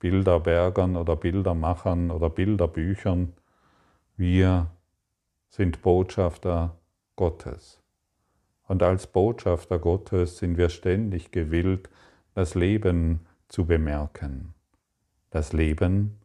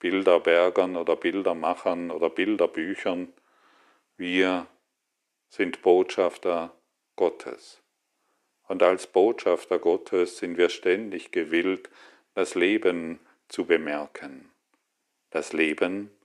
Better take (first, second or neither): first